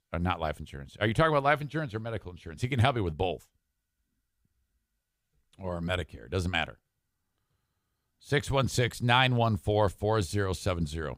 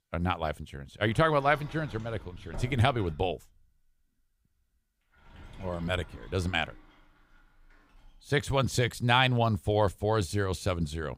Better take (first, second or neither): first